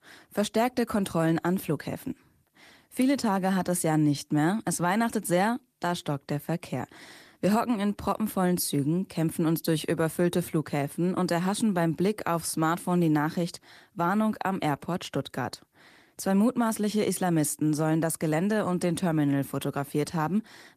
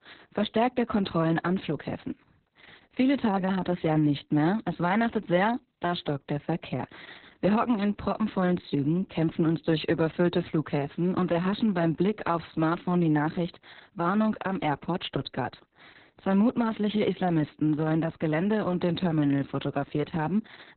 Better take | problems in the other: first | garbled, watery; badly; nothing above 4 kHz; slightly in the first

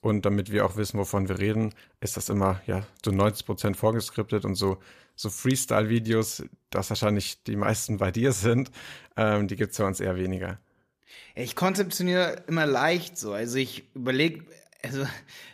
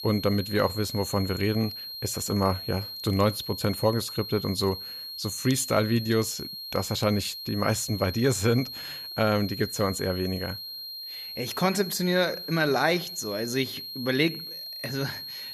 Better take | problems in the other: first | high-pitched whine; loud; throughout; 4 kHz, 8 dB below the speech

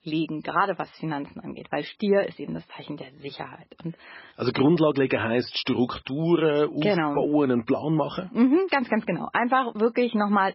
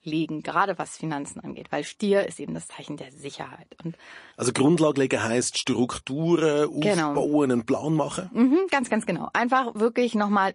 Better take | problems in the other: second | garbled, watery; badly; nothing above 5.5 kHz; slightly in the second

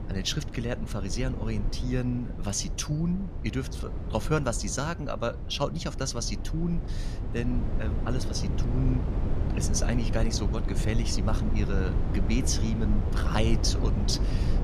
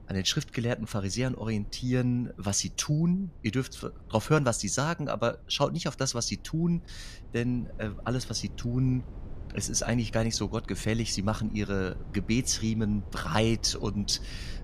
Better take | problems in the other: second | low rumble; loud; throughout; 8 dB below the speech; faint in the second

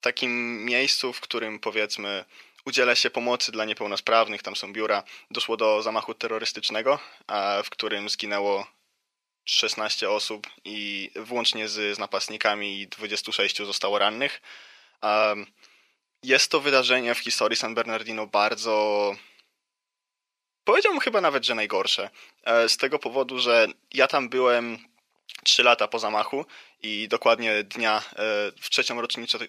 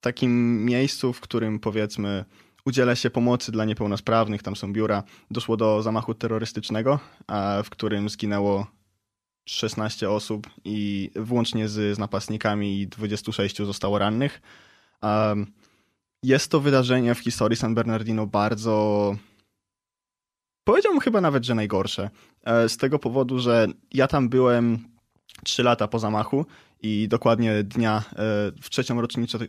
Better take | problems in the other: second | thin; very; fading below 550 Hz

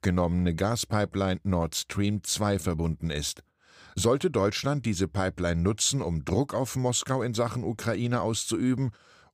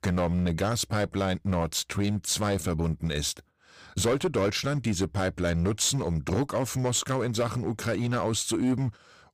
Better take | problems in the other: first | distortion; slight; 9% of the sound clipped

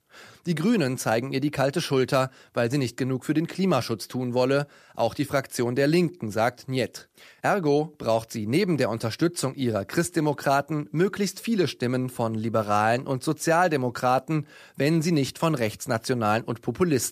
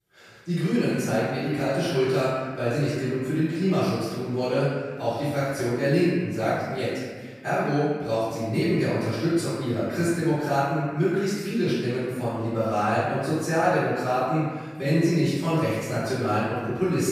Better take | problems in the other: first | off-mic speech; far // room echo; strong; dies away in 1.5 s

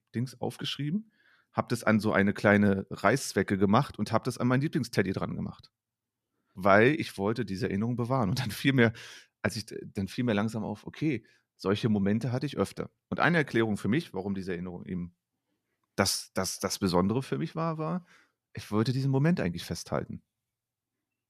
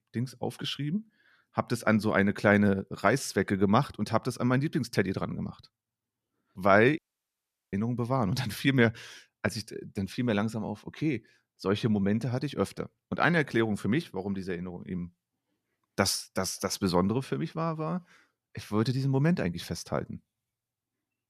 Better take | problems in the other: first | audio cutting out; at 7 s for 1 s

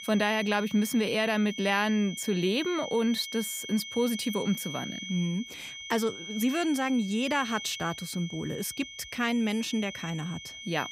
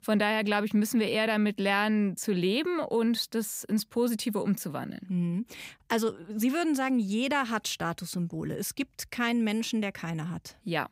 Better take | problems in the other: second | high-pitched whine; noticeable; throughout; 3 kHz, 10 dB below the speech

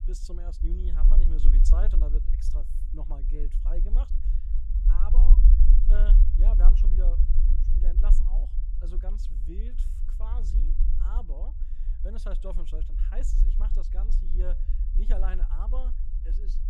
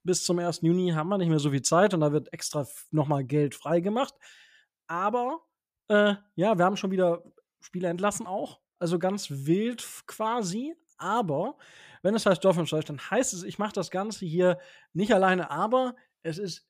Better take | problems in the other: second | low rumble; loud; throughout; 4 dB below the speech

